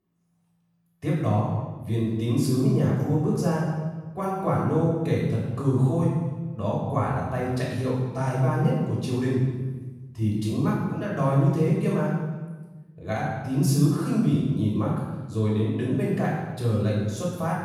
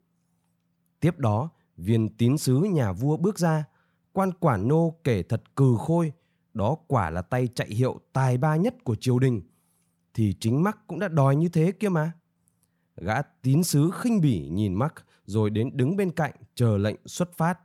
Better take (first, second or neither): second